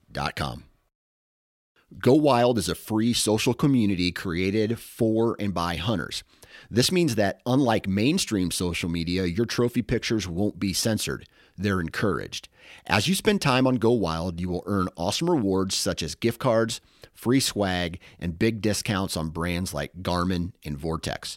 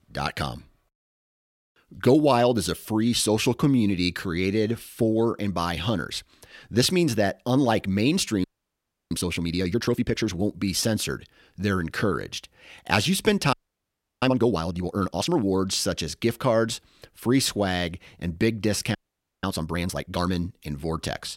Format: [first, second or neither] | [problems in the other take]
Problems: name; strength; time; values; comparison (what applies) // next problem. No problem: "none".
first | audio freezing; at 8.5 s for 0.5 s, at 14 s for 0.5 s and at 19 s